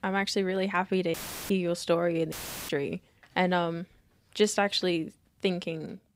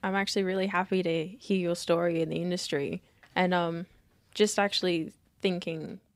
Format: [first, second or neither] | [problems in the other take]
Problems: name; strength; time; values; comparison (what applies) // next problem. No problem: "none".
second | audio cutting out; filled with static; at 1 s and at 2.5 s